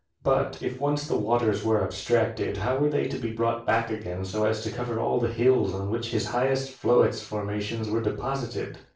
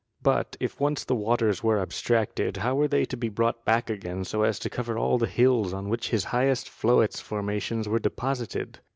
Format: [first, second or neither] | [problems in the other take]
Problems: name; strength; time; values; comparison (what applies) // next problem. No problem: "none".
second | room echo; dies away in 0.3 s